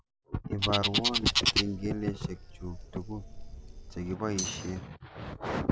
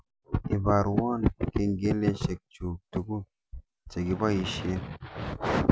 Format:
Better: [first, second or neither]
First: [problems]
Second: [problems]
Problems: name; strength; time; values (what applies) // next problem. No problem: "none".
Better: second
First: background sound (Bird + Tambourine); as loud as the speech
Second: none